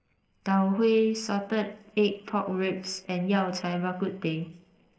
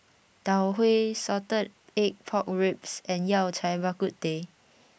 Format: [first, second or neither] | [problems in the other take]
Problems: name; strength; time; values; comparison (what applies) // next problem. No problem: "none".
second | noise reduction (neural separator model SepFormer DNS4)